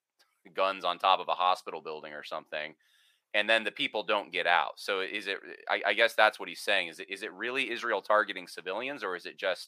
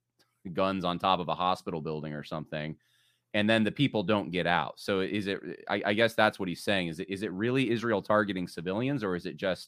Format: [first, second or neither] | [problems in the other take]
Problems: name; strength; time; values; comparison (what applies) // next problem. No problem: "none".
second | thin; very; fading below 650 Hz